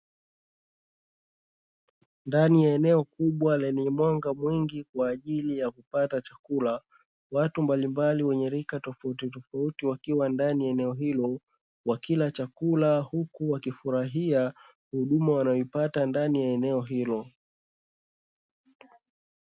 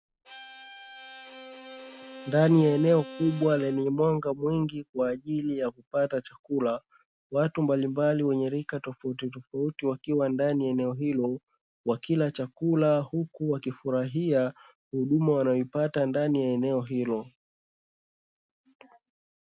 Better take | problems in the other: first | background sound (Bowed string instrument); 17 dB below the speech

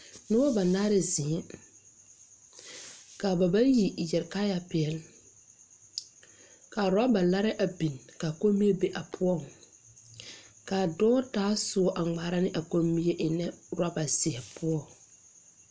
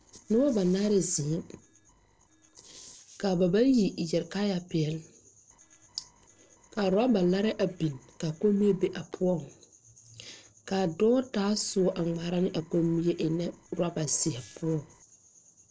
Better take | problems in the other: first | noise reduction (neural separator model SepFormer DNS4)

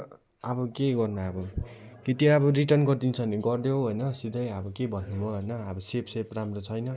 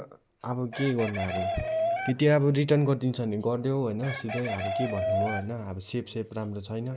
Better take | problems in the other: first | background sound (Chicken, rooster); 5 dB below the speech

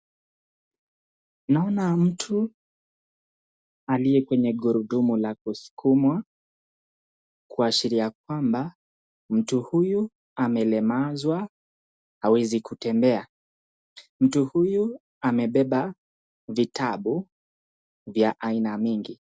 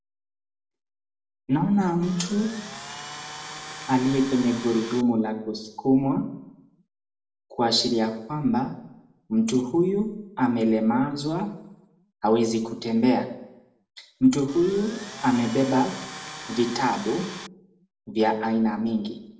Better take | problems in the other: first | background sound (Tools); 13 dB below the speech // room echo; dies away in 0.6 s

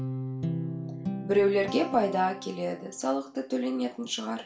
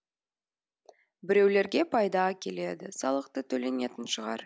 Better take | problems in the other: second | background sound (Guitar); 7 dB below the speech // room echo; dies away in 0.3 s

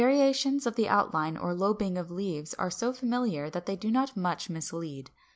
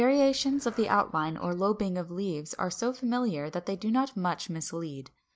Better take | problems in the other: first | noise reduction (neural mask model DeepFilterNet 3)

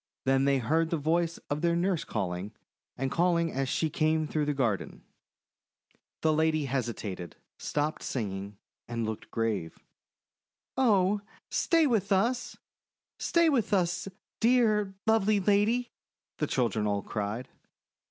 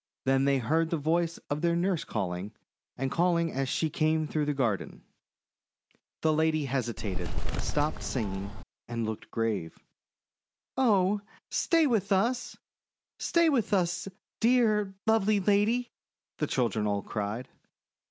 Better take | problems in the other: first | background sound (Bird); 2 dB above the speech

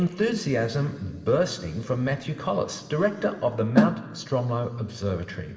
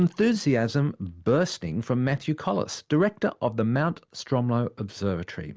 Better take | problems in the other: second | background sound (Snare drum); 4 dB above the speech // room echo; dies away in 2.6 s

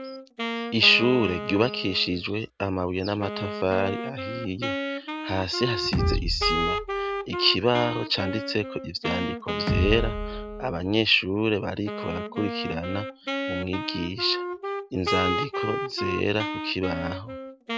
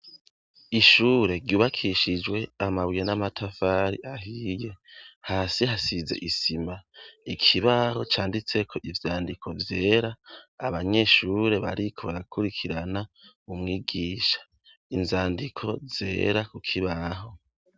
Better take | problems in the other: second | background sound (Bass drum + Wind instrument, woodwind instrument); 3 dB below the speech

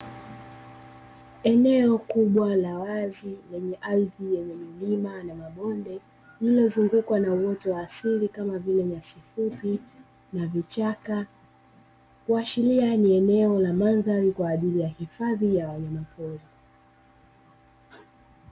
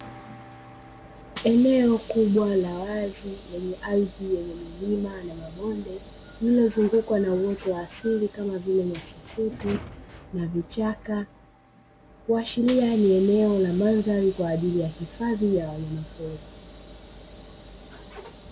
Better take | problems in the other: first | background sound (Sliding door / Hiss); 19 dB below the speech

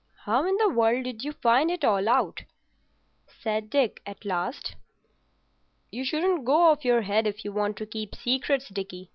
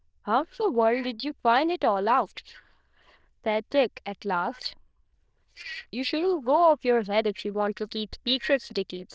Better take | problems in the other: first | noise reduction (neural diffusion model UNIVERSE++)

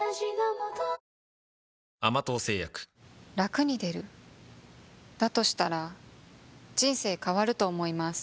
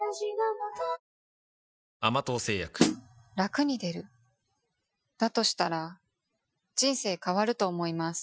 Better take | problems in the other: first | noise reduction (classical method Wiener filter)

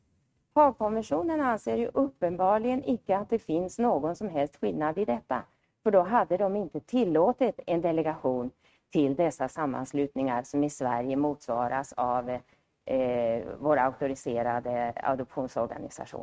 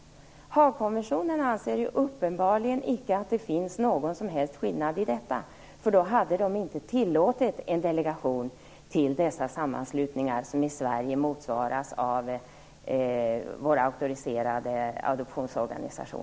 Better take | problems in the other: second | noise reduction (neural mask model RNNoise)

